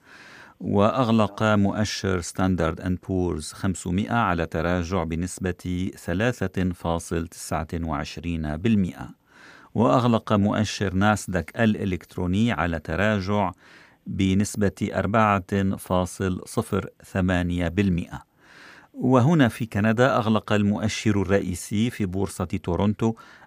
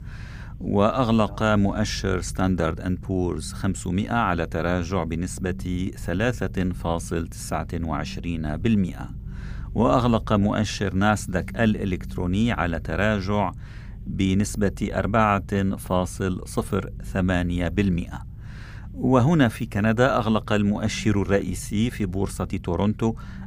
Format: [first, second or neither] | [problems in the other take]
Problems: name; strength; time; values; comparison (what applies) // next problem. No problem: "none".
first | low rumble; faint; throughout; 25 dB below the speech